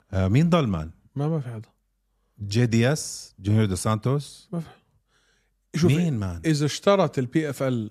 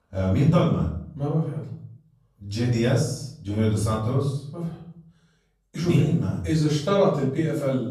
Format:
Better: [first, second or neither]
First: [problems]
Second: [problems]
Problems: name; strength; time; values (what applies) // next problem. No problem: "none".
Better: first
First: none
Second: off-mic speech; far // room echo; noticeable; dies away in 0.6 s